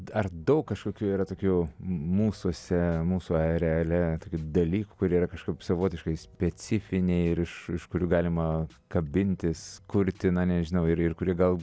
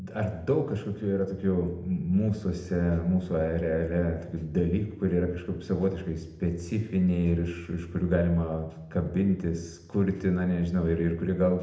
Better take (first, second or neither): first